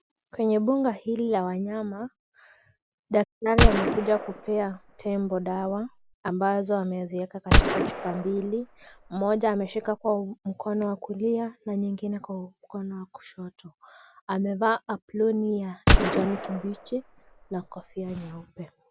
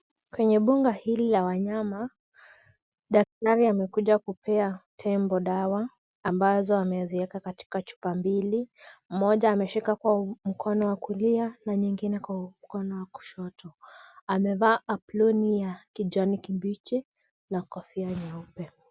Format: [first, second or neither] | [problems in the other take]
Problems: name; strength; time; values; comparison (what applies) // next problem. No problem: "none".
second | background sound (Gunshot, gunfire); 3 dB above the speech